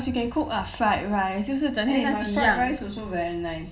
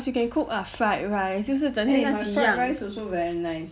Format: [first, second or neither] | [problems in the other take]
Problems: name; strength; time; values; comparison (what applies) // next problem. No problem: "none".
second | background sound (Thunder); 17 dB below the speech // room echo; dies away in 0.5 s